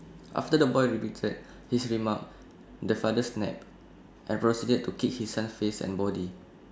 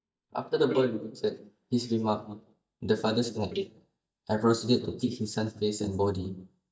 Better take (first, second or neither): first